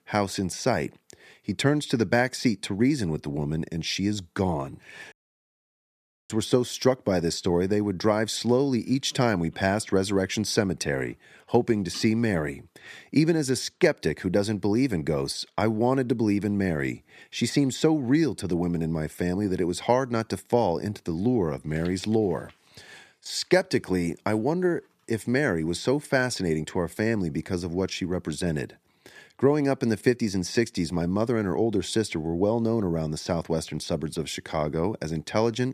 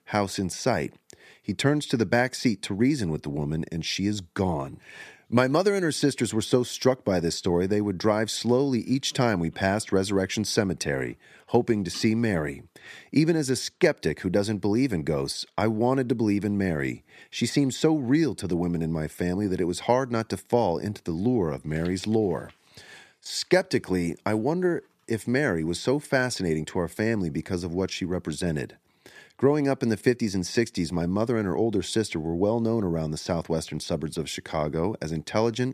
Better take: second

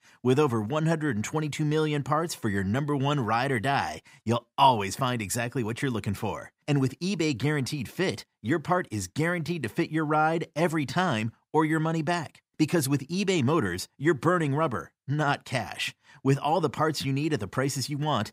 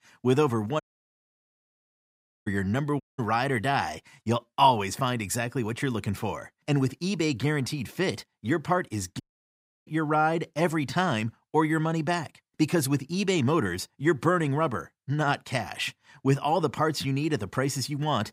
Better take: first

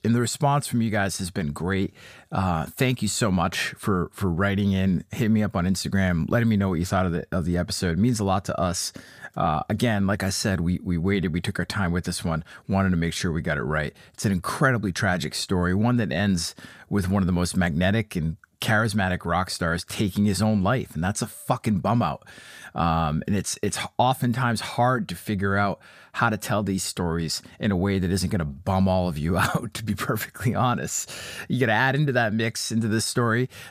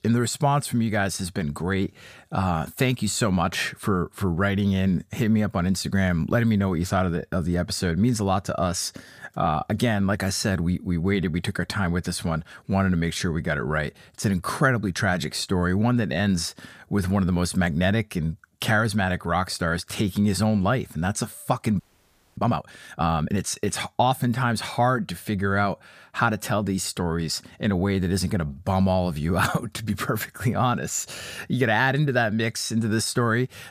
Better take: first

